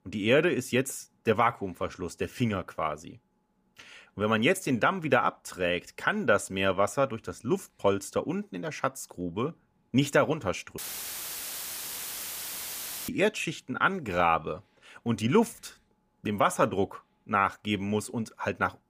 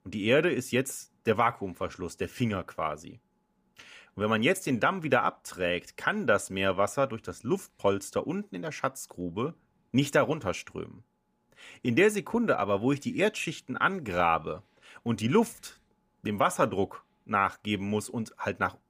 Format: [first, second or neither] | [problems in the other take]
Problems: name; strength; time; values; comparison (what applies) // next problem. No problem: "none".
second | audio cutting out; filled with static; at 11 s for 2.5 s